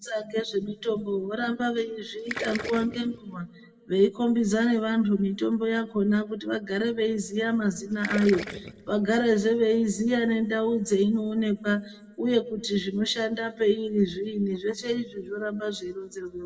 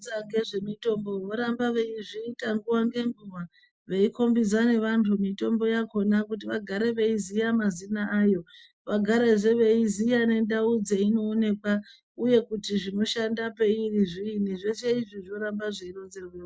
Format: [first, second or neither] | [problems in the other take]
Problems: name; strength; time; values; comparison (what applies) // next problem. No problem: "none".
second | background sound (Gurgling); 12 dB below the speech // room echo; dies away in 1.2 s